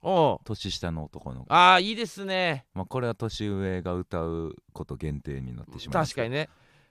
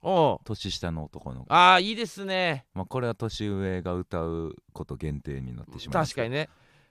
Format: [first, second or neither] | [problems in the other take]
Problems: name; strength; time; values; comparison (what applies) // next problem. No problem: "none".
neither | none